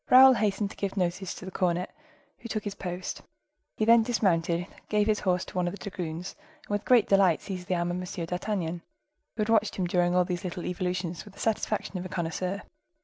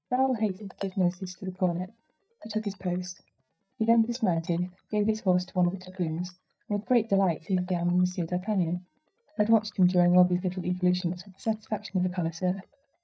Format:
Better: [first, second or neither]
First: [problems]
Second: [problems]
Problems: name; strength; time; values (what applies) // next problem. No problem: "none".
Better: first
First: none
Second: noise reduction (neural mask model DeepFilterNet 3)